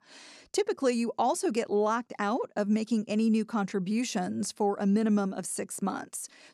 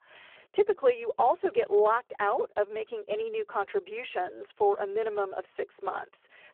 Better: first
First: none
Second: phone-call audio; poor line

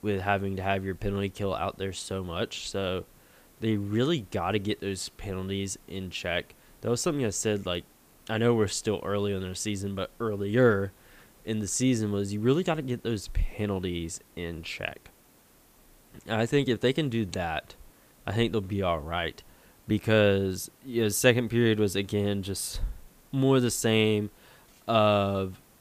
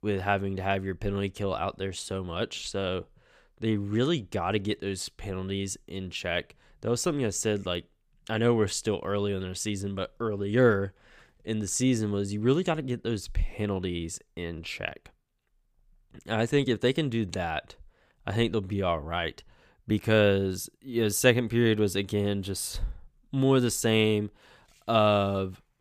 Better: second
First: hiss; faint; throughout; 30 dB below the speech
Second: none

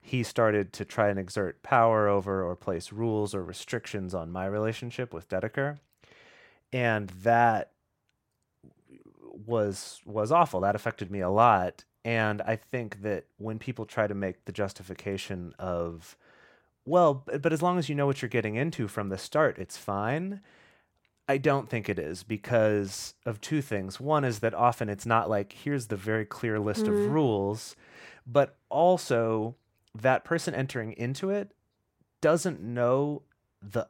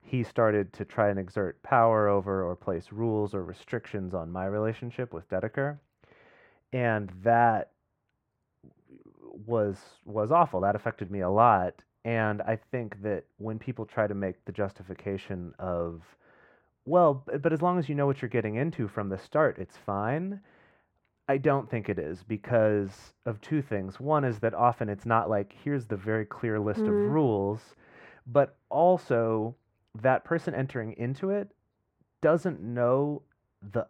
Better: first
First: none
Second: muffled; very; fading above 3 kHz

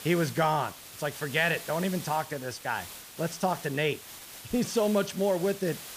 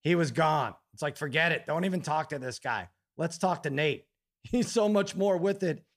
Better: second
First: hiss; noticeable; throughout; 10 dB below the speech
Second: none

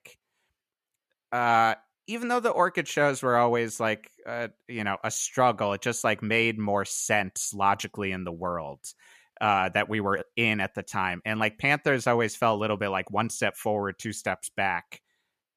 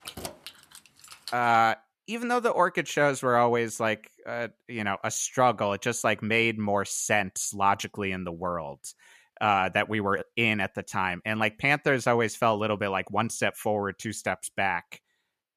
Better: first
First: none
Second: jangling keys; faint; until 1.5 s; peak 10 dB below the speech

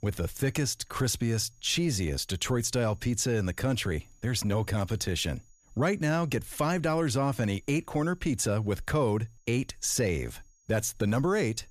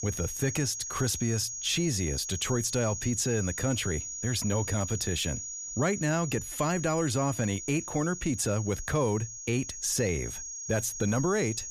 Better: first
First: high-pitched whine; faint; throughout; 6.5 kHz, 35 dB below the speech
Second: high-pitched whine; loud; throughout; 6.5 kHz, 6 dB below the speech

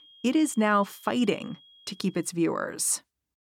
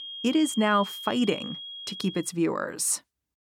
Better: first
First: high-pitched whine; faint; until 2 s; 3 kHz, 25 dB below the speech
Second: high-pitched whine; loud; until 2 s; 3 kHz, 10 dB below the speech

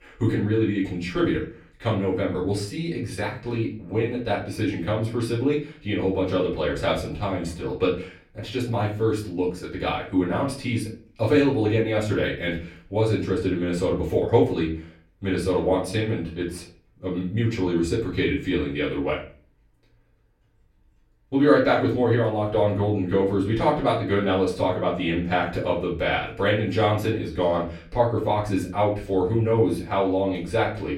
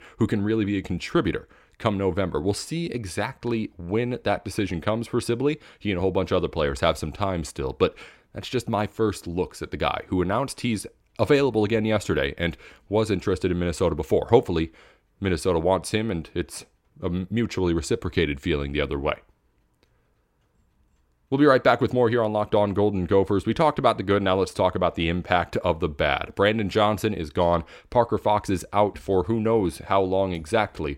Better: second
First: room echo; slight; dies away in 0.4 s // off-mic speech; far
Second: none

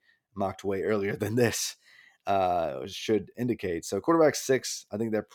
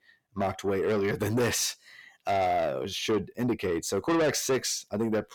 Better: first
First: none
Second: distortion; heavy; 7 dB below the speech

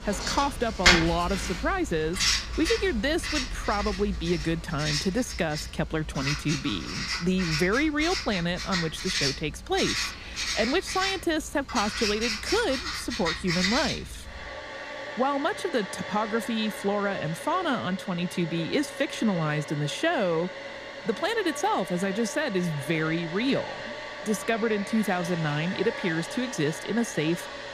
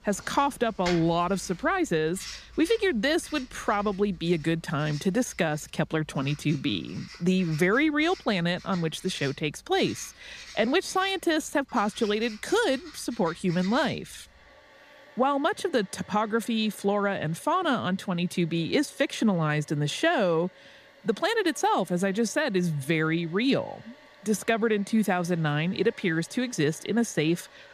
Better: second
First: household noises; loud; throughout; 3 dB below the speech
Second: household noises; faint; throughout; 20 dB below the speech

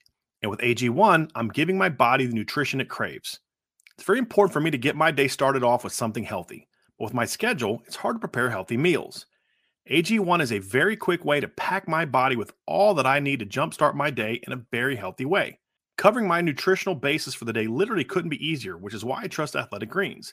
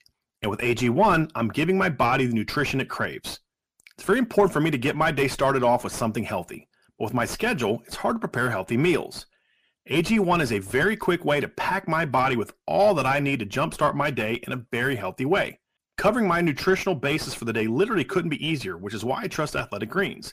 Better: first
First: none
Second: distortion; slight; 9 dB below the speech

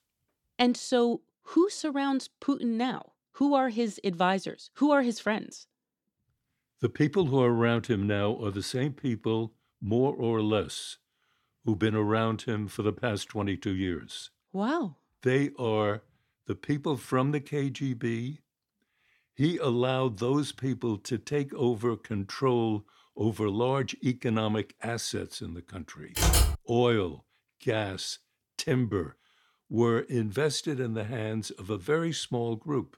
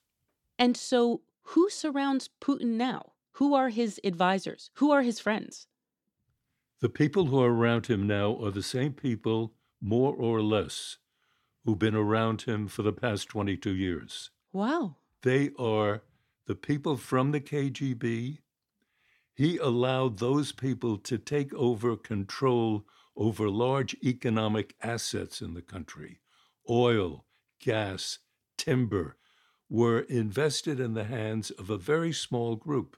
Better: second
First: keyboard typing; loud; at 26 s; peak 6 dB above the speech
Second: none

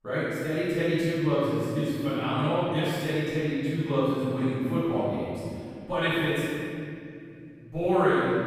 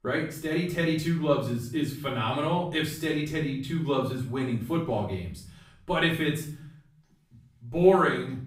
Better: second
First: room echo; strong; dies away in 2.4 s // off-mic speech; far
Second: room echo; slight; dies away in 0.5 s // off-mic speech; far

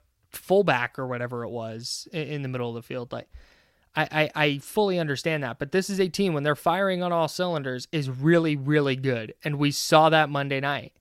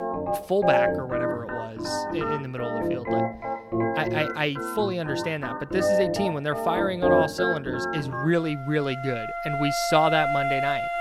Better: first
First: none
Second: background music; very loud; throughout; 1 dB above the speech

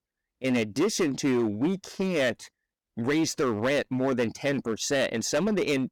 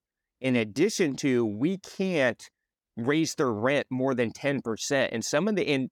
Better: second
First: distortion; slight; 9% of the sound clipped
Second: none

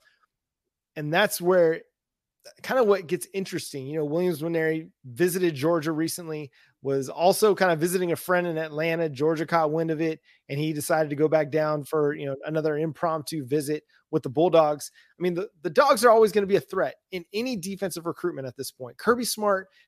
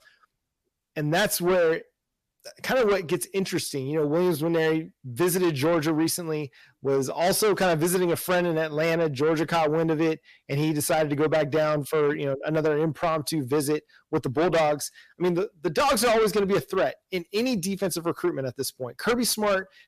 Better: first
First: none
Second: distortion; heavy; 6 dB below the speech

